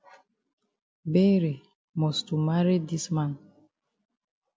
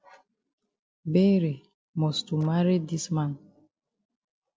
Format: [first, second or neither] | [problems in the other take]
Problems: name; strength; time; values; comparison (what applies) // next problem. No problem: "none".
first | noise reduction (neural separator model SepFormer DNS4)